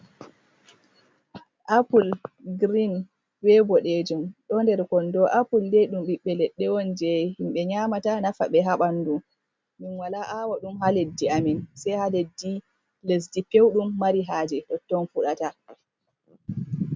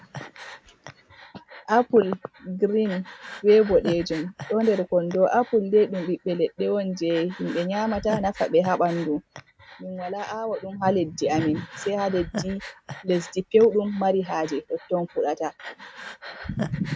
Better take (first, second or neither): first